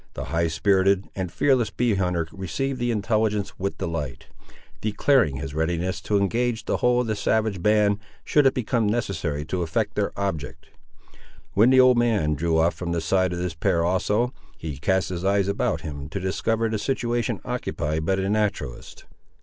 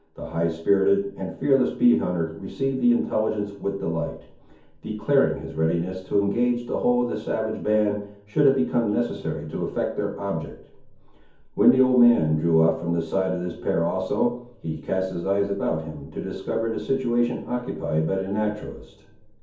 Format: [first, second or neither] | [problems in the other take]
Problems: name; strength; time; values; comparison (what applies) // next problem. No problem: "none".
first | room echo; dies away in 0.6 s